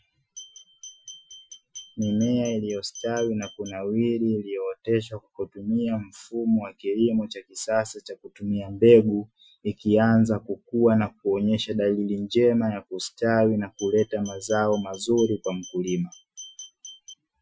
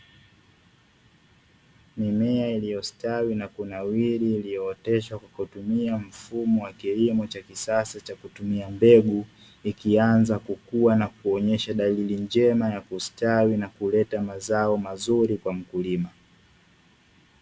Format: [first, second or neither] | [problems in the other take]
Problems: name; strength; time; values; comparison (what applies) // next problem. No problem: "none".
second | noise reduction (classical method Wiener filter)